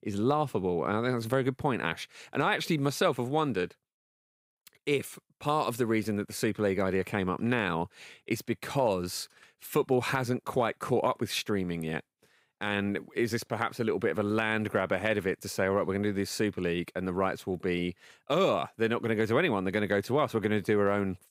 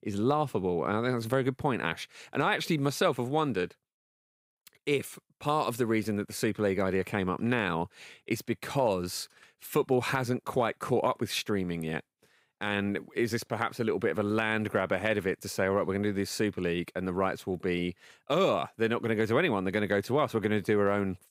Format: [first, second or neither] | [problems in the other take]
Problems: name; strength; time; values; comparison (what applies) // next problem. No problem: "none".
neither | none